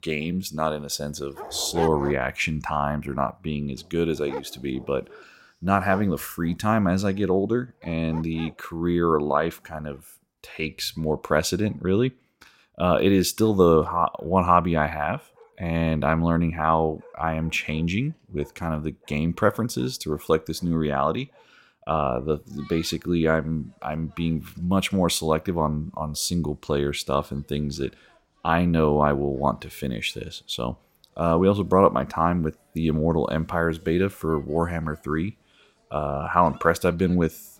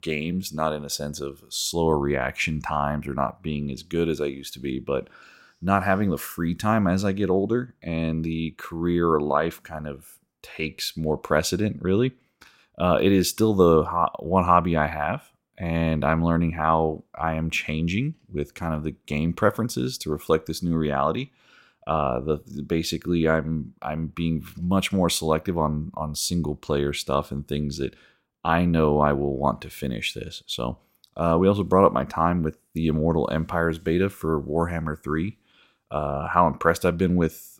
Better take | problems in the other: second | animal sounds; noticeable; throughout; 20 dB below the speech

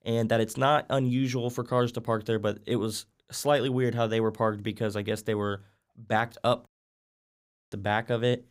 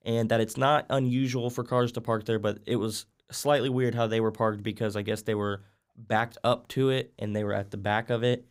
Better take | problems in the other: second | audio cutting out; at 6.5 s for 1 s

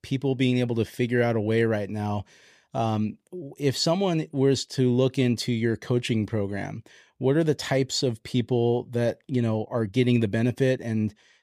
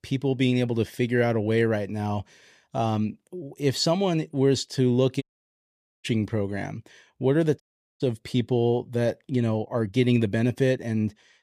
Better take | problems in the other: first | audio cutting out; at 5 s for 1 s and at 7.5 s

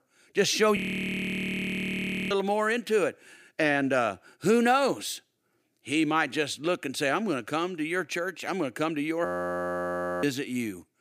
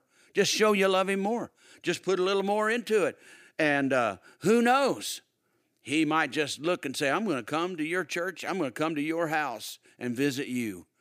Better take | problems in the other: second | audio freezing; at 1 s for 1.5 s and at 9.5 s for 1 s

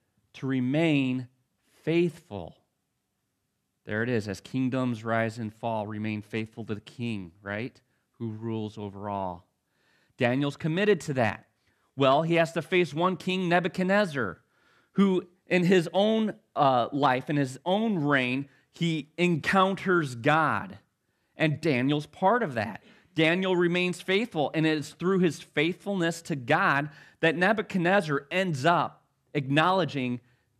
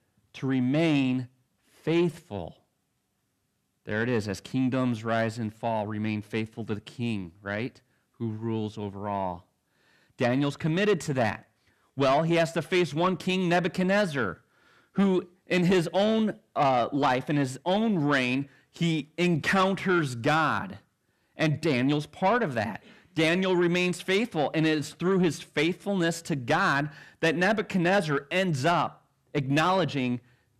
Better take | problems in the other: first | distortion; slight; 10 dB below the speech

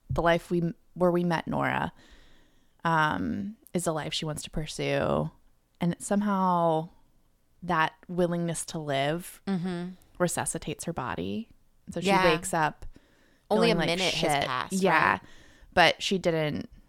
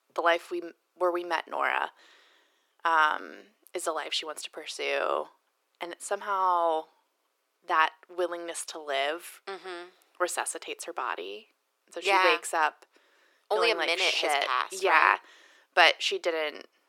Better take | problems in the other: first | thin; very; fading below 350 Hz

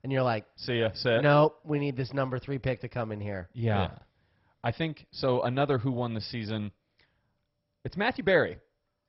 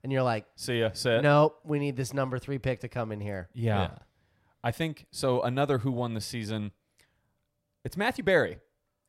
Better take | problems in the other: second | garbled, watery; badly; nothing above 5.5 kHz

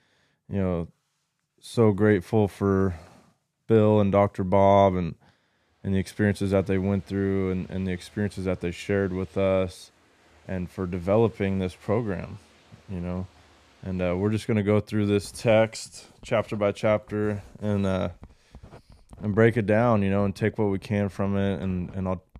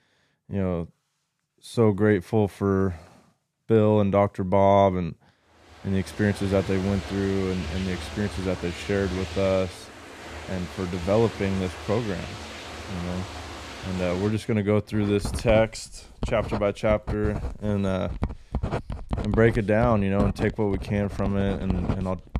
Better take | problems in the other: first | household noises; loud; from 6 s on; 10 dB below the speech; faint in the first

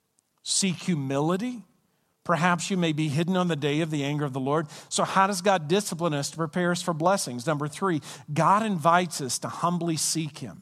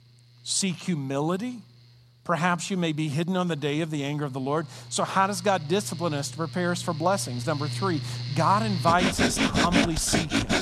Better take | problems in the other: first | machinery noise; loud; throughout; 2 dB below the speech

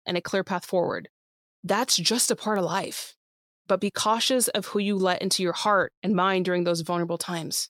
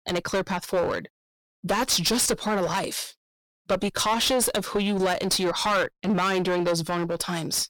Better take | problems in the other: first | distortion; heavy; 13% of the sound clipped

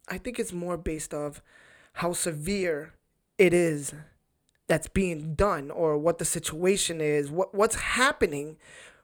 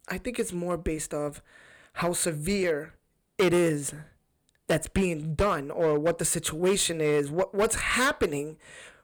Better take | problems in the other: first | distortion; slight; 5% of the sound clipped

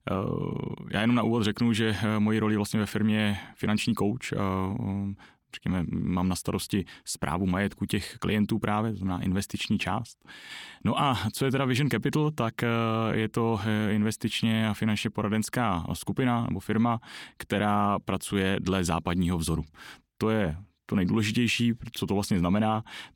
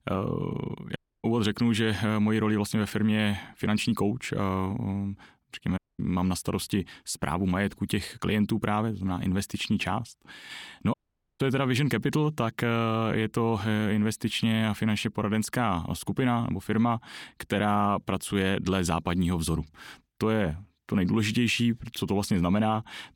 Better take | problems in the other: first | audio cutting out; at 1 s, at 6 s and at 11 s

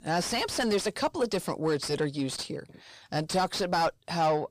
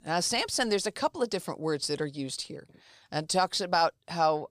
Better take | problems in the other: second | distortion; heavy; 7 dB below the speech

